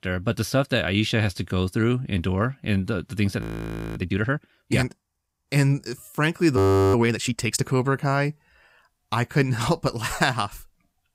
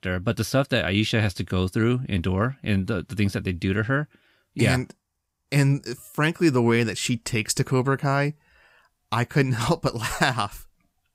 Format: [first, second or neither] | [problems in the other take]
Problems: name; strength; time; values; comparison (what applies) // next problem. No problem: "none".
second | audio freezing; at 3.5 s for 0.5 s and at 6.5 s